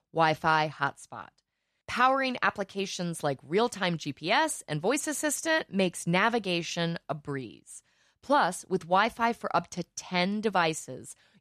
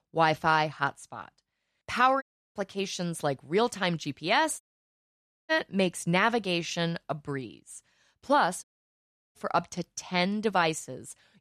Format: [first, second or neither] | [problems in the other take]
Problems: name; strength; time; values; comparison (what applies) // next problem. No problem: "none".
first | audio cutting out; at 2 s, at 4.5 s for 1 s and at 8.5 s for 0.5 s